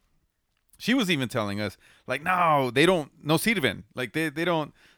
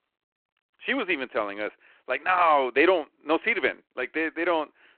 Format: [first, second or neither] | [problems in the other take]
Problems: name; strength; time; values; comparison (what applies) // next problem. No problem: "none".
first | phone-call audio